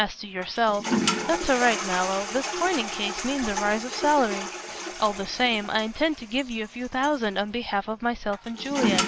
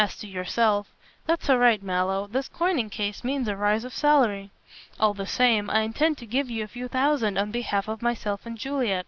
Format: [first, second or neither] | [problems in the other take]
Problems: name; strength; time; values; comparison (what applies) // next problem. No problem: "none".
second | background sound (Toilet flush); 5 dB below the speech